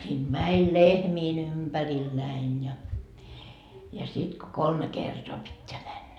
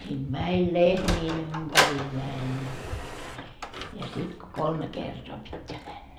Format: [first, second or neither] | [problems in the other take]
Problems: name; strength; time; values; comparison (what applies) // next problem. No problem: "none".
first | background sound (Sliding door); 3 dB below the speech